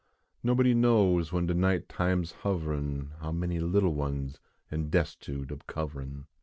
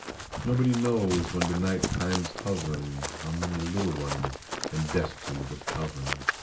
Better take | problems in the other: first | background sound (Run); 5 dB below the speech // room echo; dies away in 0.2 s

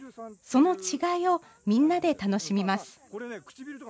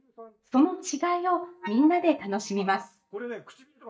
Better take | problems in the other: first | noise reduction (neural mask model DeepFilterNet 3)

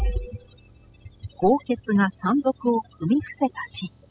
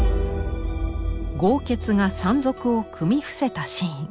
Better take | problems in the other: second | noise reduction (classical method spectral subtraction)

